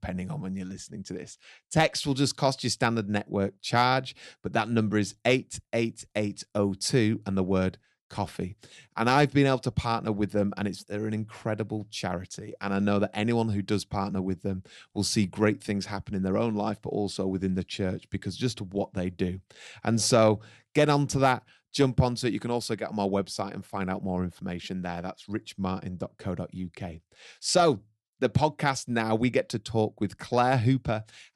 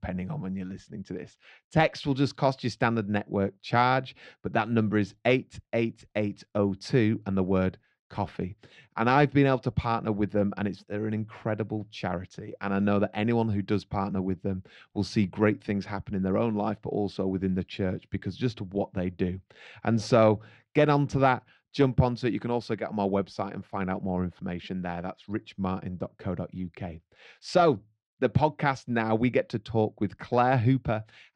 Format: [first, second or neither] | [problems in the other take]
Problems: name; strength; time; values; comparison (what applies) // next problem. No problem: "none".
first | muffled; slightly; fading above 3 kHz